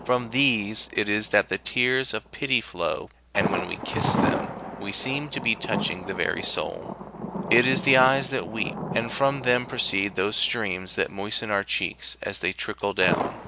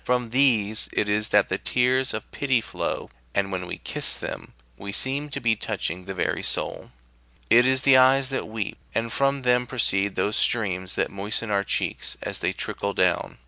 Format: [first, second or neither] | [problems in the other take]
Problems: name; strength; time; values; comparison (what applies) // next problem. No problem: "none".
second | background sound (Thunder); 7 dB below the speech